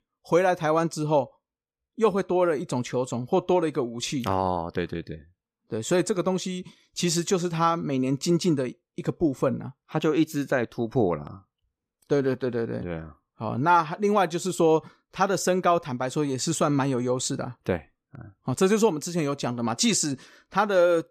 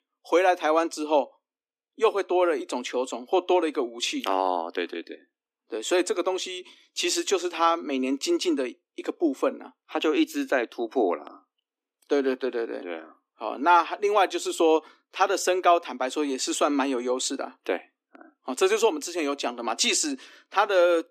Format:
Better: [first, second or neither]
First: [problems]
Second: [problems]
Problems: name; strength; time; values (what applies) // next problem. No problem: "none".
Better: first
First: none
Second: thin; very slightly; fading below 250 Hz